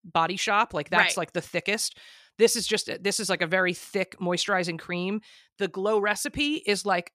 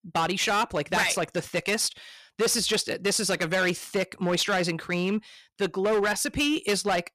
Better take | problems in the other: first | distortion; heavy; 12% of the sound clipped

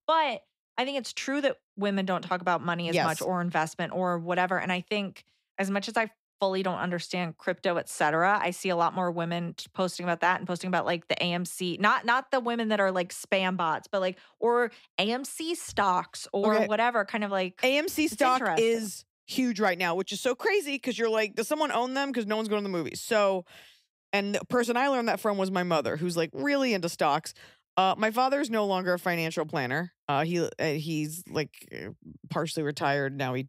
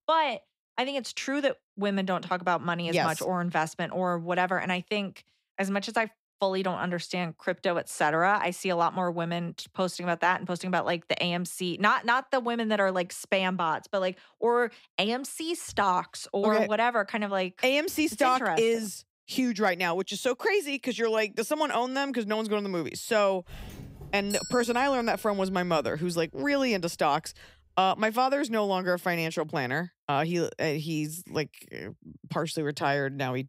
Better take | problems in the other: first | doorbell; noticeable; from 23 to 26 s; peak 7 dB below the speech

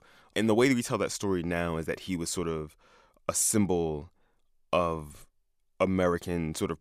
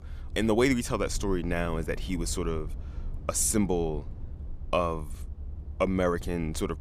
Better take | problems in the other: first | low rumble; faint; throughout; 25 dB below the speech

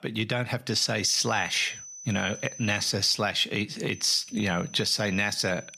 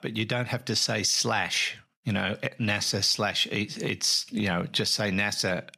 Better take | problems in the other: second | high-pitched whine; noticeable; from 1 to 3 s and from 4 s on; 6 kHz, 15 dB below the speech

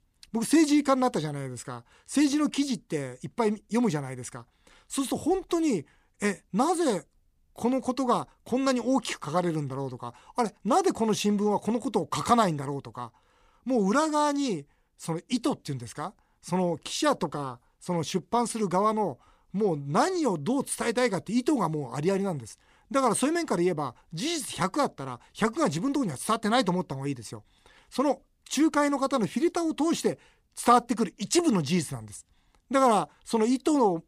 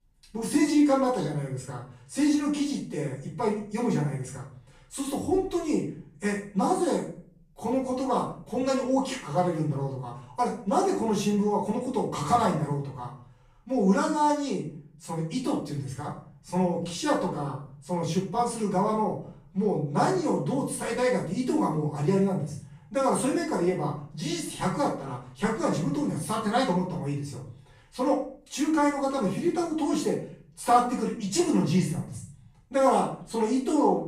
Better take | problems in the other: first | off-mic speech; far // room echo; noticeable; dies away in 0.5 s

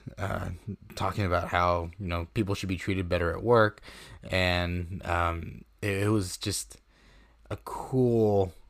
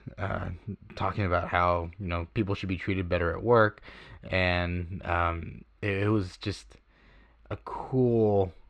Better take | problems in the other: first | muffled; slightly; fading above 2.5 kHz

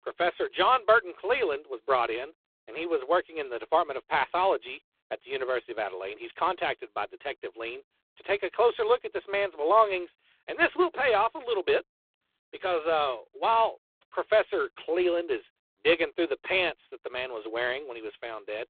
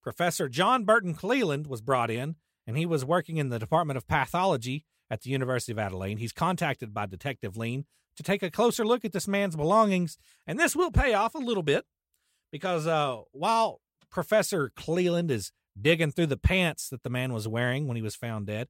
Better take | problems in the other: second | phone-call audio; poor line

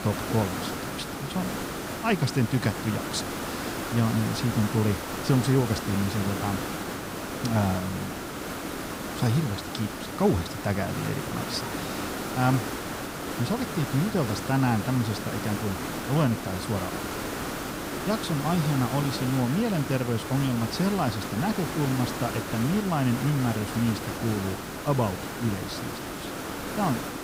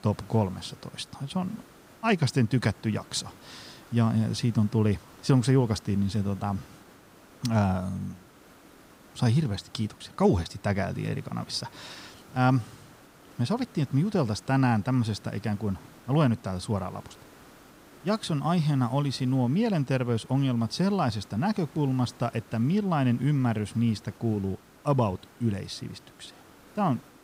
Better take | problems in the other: second | hiss; loud; throughout; 5 dB below the speech; faint in the second

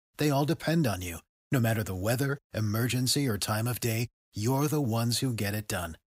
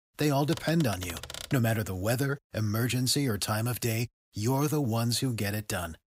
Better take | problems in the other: first | keyboard typing; noticeable; from 0.5 to 1.5 s; peak 10 dB below the speech

